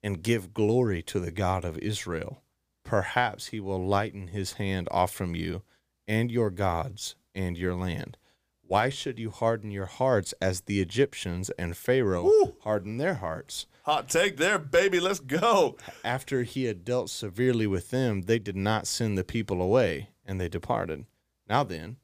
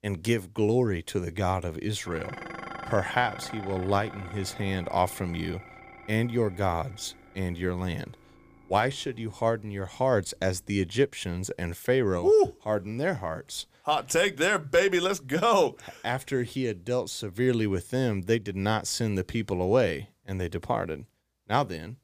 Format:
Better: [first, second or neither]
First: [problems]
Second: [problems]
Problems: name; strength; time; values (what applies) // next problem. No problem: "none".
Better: first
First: none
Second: clattering dishes; noticeable; from 2 to 10 s; peak 10 dB below the speech